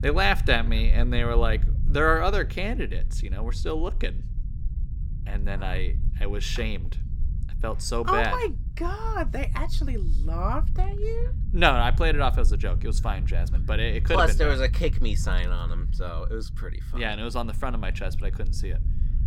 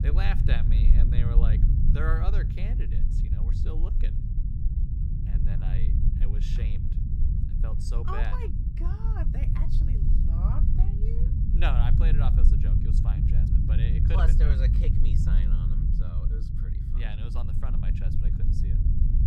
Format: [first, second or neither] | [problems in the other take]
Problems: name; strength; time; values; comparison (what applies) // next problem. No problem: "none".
first | low rumble; loud; throughout; 2 dB below the speech; faint in the first